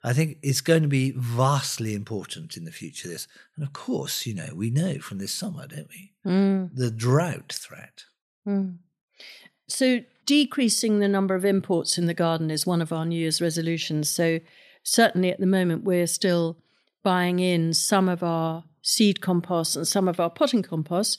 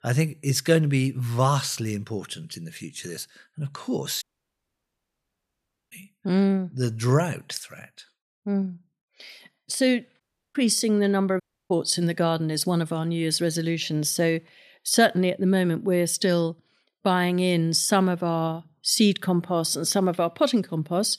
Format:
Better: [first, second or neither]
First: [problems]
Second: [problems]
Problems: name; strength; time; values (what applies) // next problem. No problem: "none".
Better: first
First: none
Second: audio cutting out; at 4 s for 1.5 s, at 10 s and at 11 s